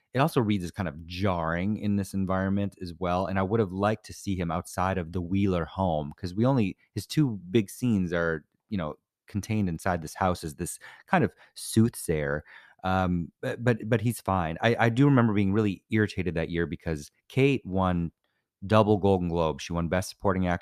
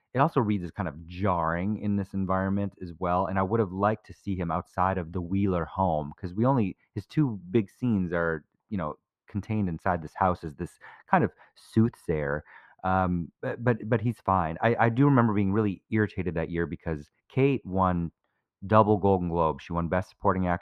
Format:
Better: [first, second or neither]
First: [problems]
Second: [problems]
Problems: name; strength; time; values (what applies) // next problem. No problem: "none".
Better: first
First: none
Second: muffled; very; fading above 3.5 kHz